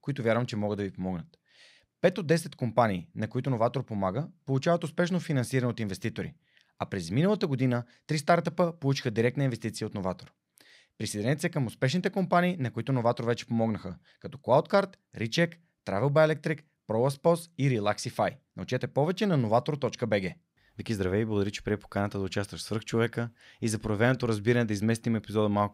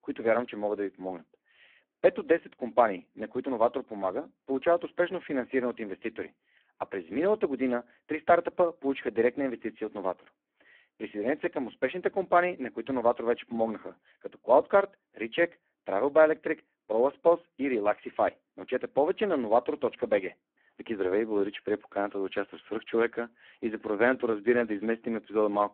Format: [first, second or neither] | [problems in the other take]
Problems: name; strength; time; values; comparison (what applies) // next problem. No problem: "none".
first | phone-call audio; poor line